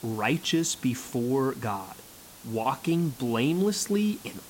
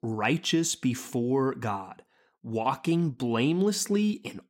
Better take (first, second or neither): second